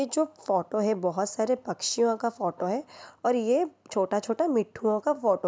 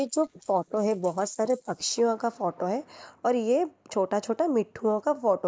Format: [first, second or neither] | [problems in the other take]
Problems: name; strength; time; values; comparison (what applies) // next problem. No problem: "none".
first | noise reduction (neural mask model Resemble Enhance denoiser)